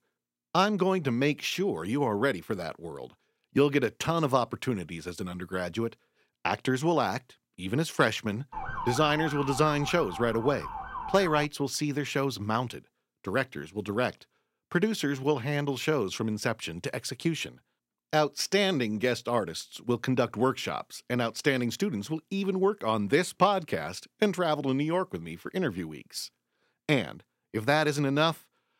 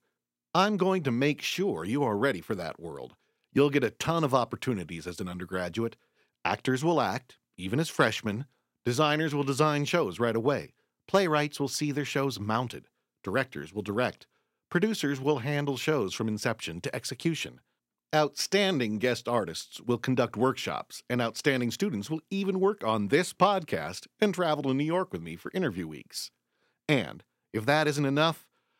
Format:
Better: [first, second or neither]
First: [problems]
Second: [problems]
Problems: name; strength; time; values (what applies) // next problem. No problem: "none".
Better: second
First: siren; noticeable; from 8.5 to 11 s; peak 6 dB below the speech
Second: none